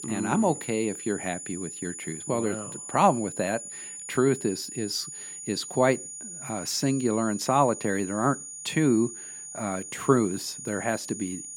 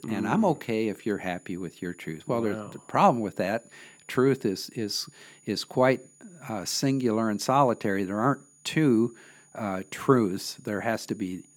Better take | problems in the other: second | high-pitched whine; loud; throughout; 7 kHz, 9 dB below the speech; faint in the second

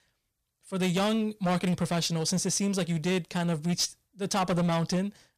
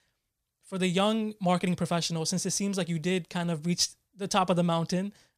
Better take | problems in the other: second | distortion; slight; 13% of the sound clipped

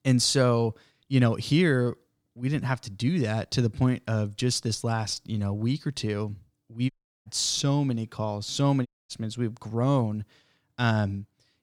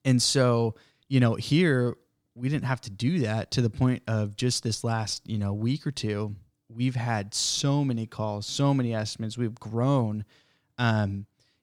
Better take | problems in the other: second | audio cutting out; at 7 s and at 9 s

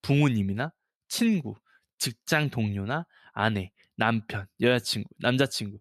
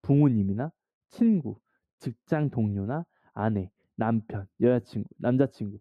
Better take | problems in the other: first | muffled; very; fading above 1.5 kHz

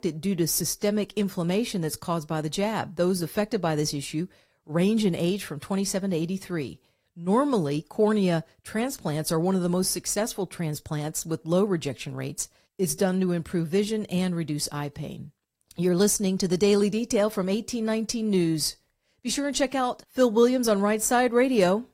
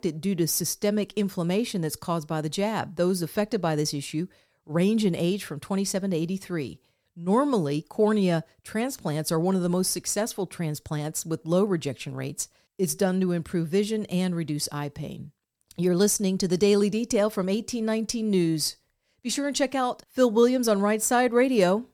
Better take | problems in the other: second | garbled, watery; slightly; nothing above 14.5 kHz

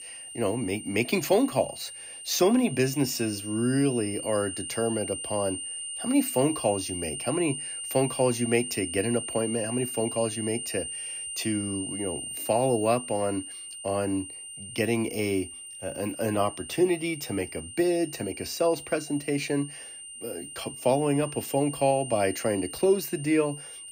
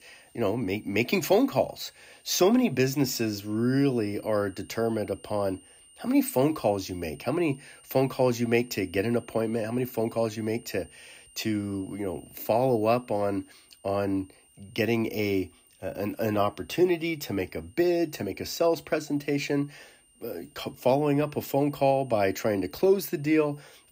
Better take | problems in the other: second | high-pitched whine; loud; throughout; 9 kHz, 8 dB below the speech; faint in the second

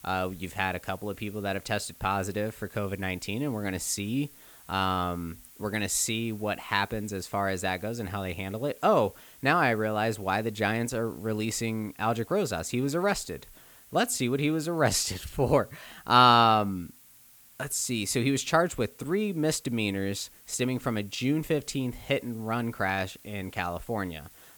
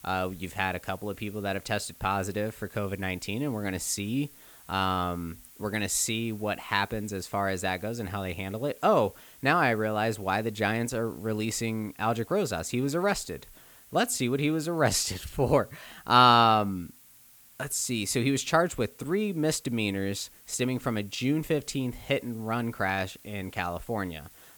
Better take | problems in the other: neither | hiss; faint; throughout; 25 dB below the speech; the same in both

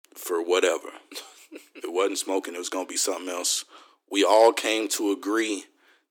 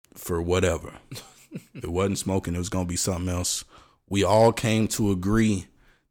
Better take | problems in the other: second | thin; somewhat; fading below 300 Hz

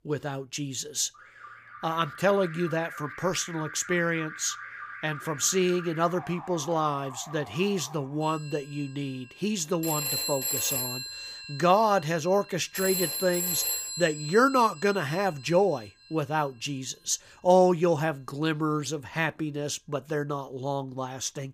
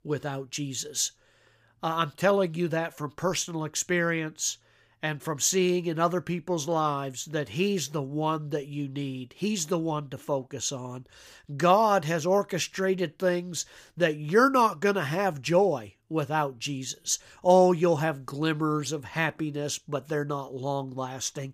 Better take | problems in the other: second | alarms or sirens; loud; throughout; 6 dB below the speech

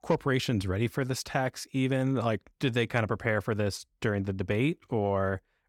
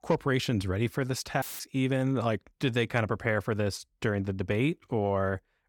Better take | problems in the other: first | audio cutting out; filled with static; at 1.5 s

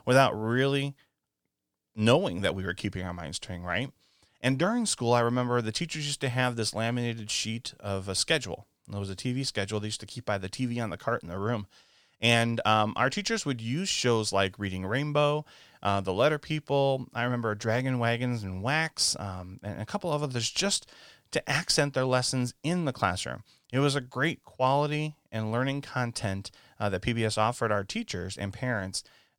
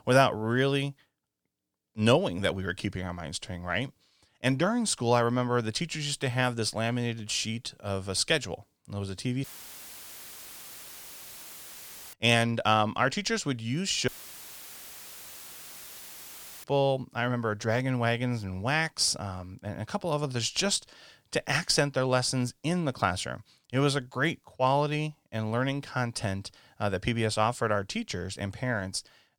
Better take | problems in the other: first | audio cutting out; filled with static; at 9.5 s for 2.5 s and at 14 s for 2.5 s

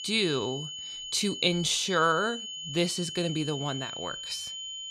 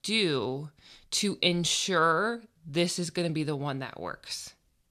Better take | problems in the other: second | high-pitched whine; loud; throughout; 3 kHz, 7 dB below the speech

